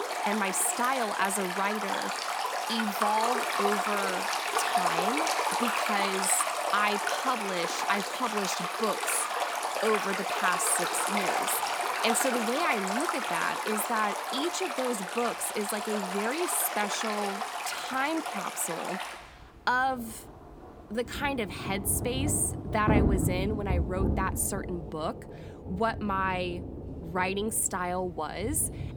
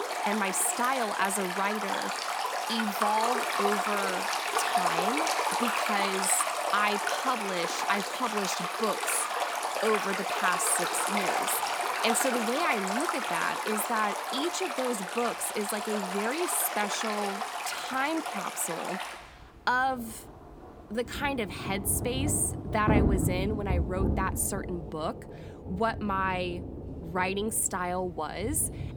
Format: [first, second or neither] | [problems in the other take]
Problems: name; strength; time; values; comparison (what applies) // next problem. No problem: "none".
neither | rain or running water; loud; throughout; as loud as the speech; the same in both